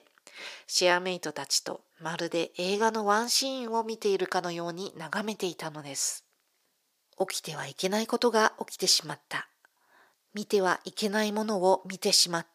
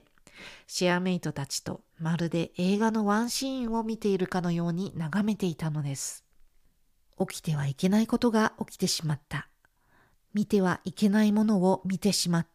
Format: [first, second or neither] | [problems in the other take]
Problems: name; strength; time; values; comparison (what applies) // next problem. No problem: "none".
second | thin; somewhat; fading below 450 Hz